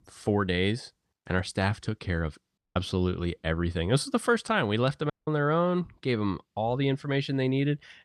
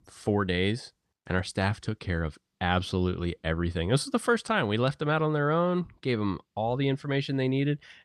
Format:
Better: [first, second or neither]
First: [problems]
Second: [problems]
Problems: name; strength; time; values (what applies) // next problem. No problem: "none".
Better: second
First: audio cutting out; at 2.5 s and at 5 s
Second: none